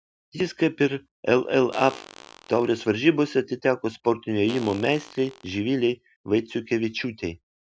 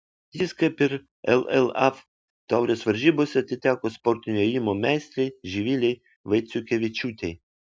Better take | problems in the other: second | background sound (Fart); 18 dB below the speech

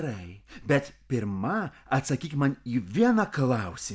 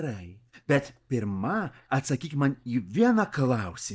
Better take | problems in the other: first | noise reduction (neural mask model DeepFilterNet 3)

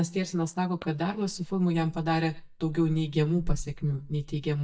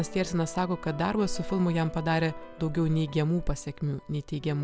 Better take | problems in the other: second | noise reduction (neural mask model DeepFilterNet 3)

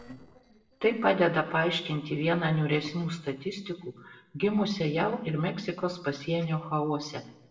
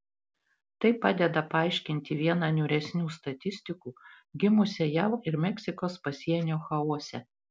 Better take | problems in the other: second | noise reduction (neural separator model SepFormer DNS4)

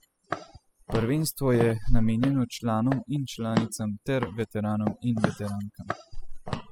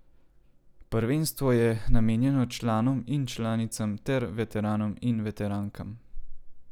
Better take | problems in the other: second | noise reduction (classical method spectral subtraction)

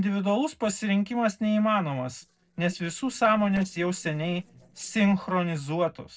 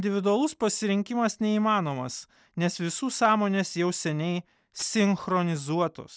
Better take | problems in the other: second | noise reduction (neural separator model SepFormer DNS4)

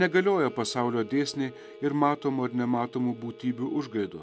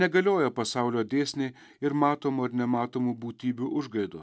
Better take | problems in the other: second | background sound (Bowed string instrument + Telephone); 19 dB below the speech

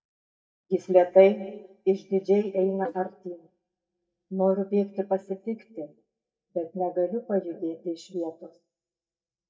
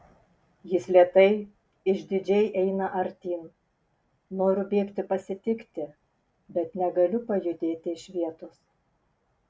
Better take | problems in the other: second | noise reduction (neural mask model DeepFilterNet 3)

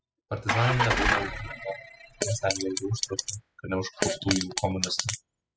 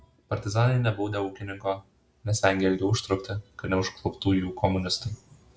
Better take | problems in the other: second | noise reduction (classical method spectral subtraction)

